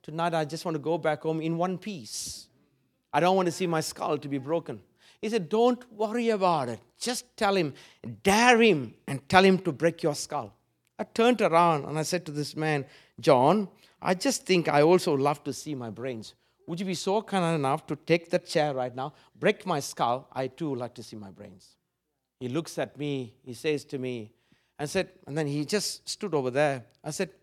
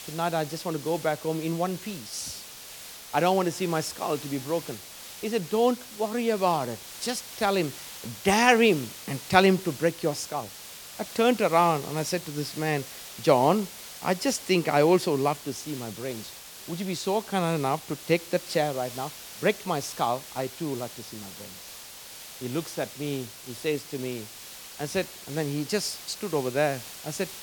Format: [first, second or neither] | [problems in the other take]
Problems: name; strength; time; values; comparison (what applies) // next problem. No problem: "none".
first | hiss; noticeable; throughout; 15 dB below the speech